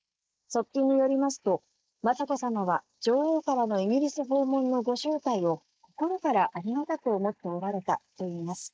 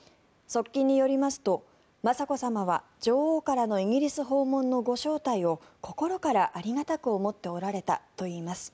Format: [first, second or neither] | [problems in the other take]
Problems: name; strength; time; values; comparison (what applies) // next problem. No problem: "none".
second | noise reduction (neural mask model Resemble Enhance denoiser)